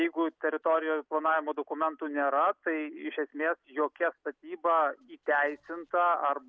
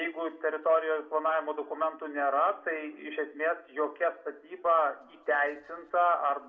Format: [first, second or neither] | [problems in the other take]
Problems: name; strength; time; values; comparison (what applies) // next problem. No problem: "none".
first | room echo; dies away in 0.8 s